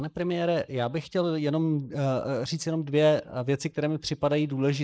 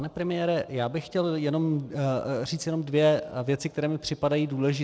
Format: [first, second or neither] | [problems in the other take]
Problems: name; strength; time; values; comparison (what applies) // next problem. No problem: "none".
second | noise reduction (neural mask model Resemble Enhance denoiser)